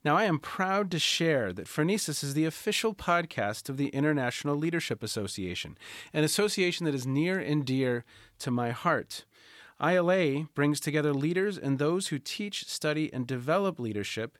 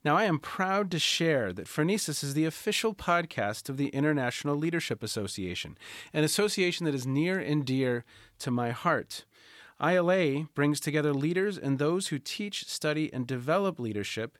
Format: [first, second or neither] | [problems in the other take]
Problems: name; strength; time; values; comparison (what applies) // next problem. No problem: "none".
neither | none